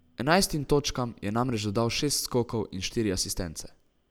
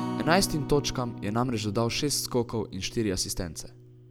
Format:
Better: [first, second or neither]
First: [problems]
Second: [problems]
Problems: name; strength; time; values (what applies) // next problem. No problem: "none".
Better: first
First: none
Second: background sound (Acoustic guitar); 10 dB below the speech